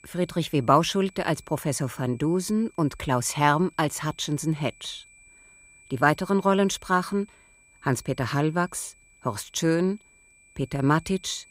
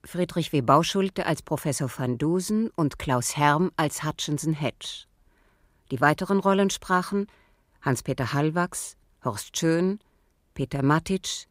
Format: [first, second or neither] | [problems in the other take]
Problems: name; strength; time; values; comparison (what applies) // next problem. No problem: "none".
second | high-pitched whine; faint; throughout; 2.5 kHz, 30 dB below the speech